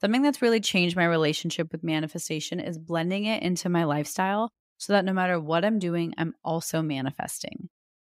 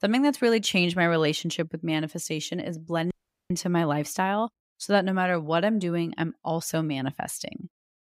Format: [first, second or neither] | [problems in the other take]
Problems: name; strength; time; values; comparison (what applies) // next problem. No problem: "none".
first | audio cutting out; at 3 s